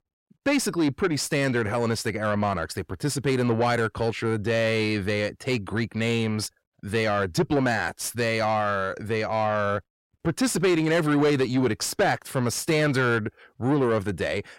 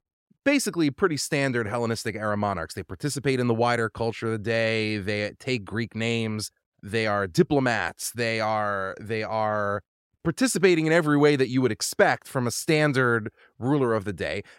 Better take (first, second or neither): second